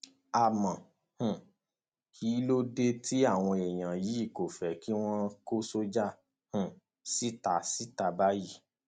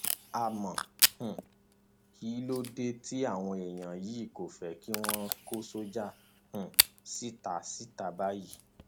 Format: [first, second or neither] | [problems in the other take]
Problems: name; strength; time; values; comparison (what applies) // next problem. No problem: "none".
first | background sound (Packing tape, duct tape / Tearing); 1 dB above the speech